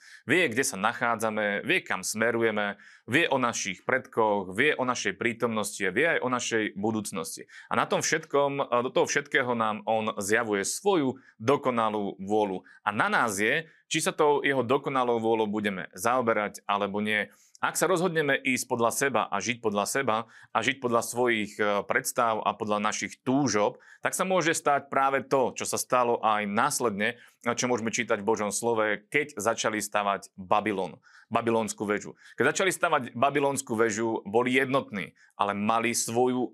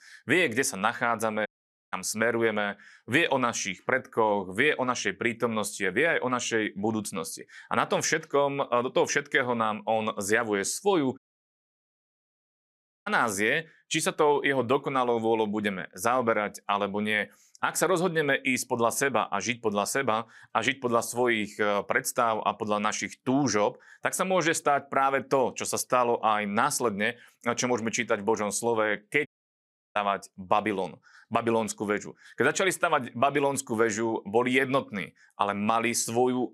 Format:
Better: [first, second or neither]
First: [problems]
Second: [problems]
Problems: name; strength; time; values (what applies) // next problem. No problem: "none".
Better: first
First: none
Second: audio cutting out; at 1.5 s, at 11 s for 2 s and at 29 s for 0.5 s